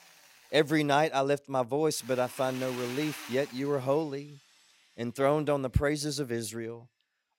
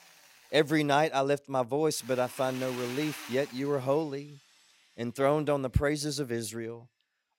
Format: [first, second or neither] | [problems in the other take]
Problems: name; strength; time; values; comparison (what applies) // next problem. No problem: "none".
neither | machinery noise; noticeable; throughout; 15 dB below the speech; the same in both